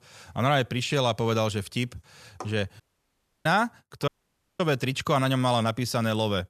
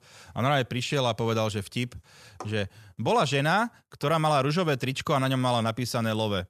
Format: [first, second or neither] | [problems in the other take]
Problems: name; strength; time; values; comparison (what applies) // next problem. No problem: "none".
second | audio cutting out; at 3 s for 0.5 s and at 4 s for 0.5 s